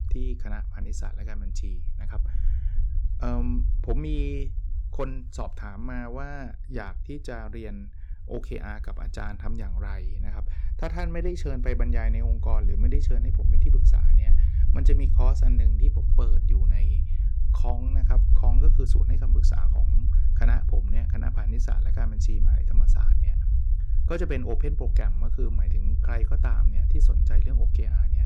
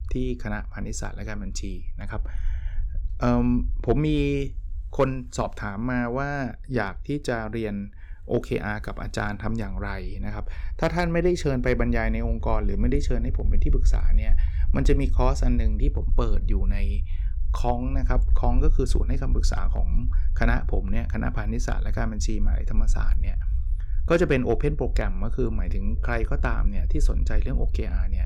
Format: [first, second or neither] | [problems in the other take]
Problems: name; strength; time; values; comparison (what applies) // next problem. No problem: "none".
second | low rumble; loud; throughout; 7 dB below the speech; faint in the second